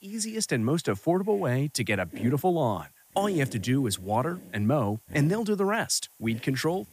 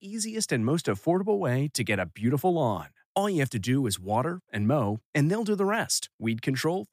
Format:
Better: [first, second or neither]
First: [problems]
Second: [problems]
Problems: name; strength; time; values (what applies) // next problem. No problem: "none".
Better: second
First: hiss; noticeable; throughout; 20 dB below the speech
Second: none